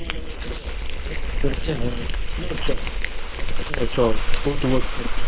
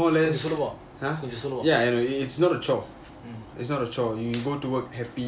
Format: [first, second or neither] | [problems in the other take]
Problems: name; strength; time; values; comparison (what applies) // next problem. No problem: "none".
second | noise reduction (neural separator model SepFormer WHAM!)